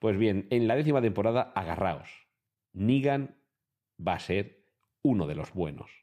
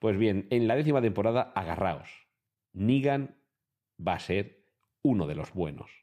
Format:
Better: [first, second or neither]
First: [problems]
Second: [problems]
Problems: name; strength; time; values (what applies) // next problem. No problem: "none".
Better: neither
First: none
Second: none